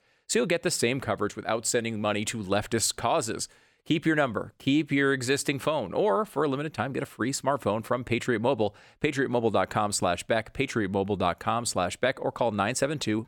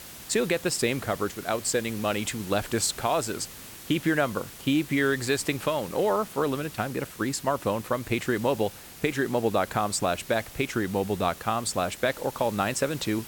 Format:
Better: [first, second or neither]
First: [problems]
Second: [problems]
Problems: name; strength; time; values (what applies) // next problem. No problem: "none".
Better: first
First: none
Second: hiss; noticeable; throughout; 15 dB below the speech